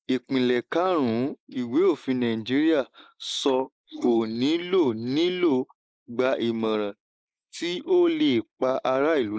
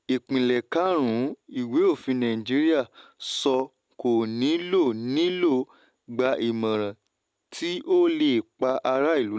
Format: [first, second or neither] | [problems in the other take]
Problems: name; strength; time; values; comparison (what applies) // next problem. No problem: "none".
second | noise reduction (neural mask model Resemble Enhance denoiser)